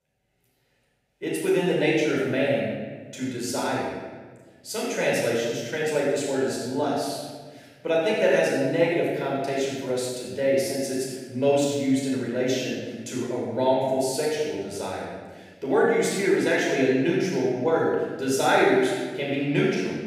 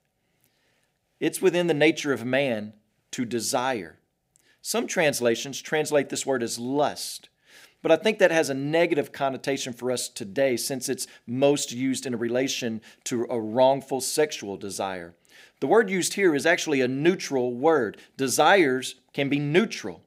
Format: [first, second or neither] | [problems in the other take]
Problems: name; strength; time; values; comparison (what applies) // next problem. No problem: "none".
second | room echo; strong; dies away in 1.3 s // off-mic speech; far